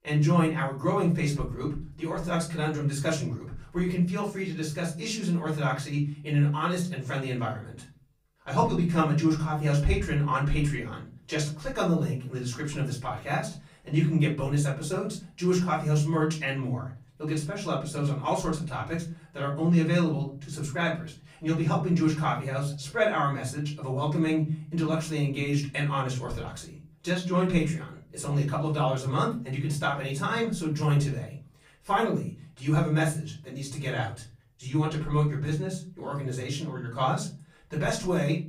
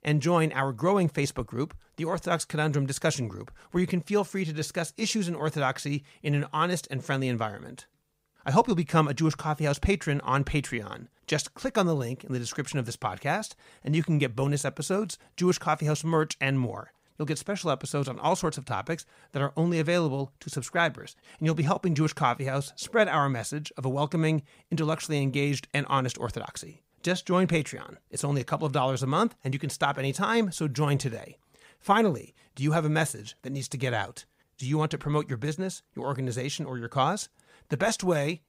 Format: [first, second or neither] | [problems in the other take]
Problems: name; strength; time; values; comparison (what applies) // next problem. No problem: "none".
second | room echo; slight; dies away in 0.5 s // off-mic speech; far